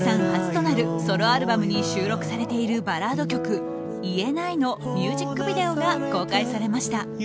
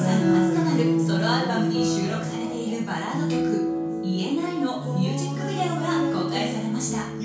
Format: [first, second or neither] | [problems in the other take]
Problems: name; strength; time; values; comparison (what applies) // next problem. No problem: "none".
first | room echo; dies away in 0.6 s